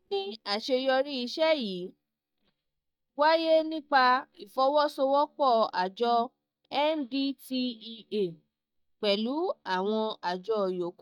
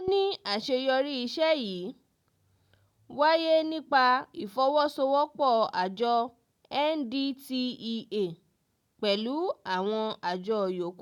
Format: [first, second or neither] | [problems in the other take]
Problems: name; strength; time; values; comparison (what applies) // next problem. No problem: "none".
second | noise reduction (neural mask model DeepFilterNet 3)